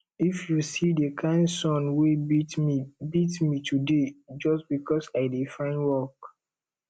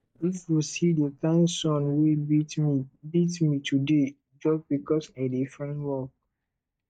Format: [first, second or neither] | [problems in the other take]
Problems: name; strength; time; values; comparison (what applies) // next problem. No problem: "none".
first | noise reduction (neural mask model DeepFilterNet 3)